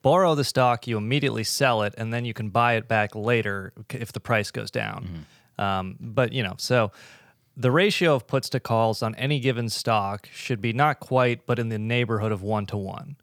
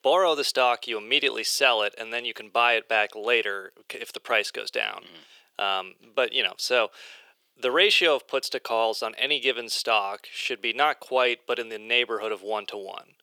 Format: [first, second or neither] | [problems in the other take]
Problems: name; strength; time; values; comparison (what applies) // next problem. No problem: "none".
first | thin; very; fading below 400 Hz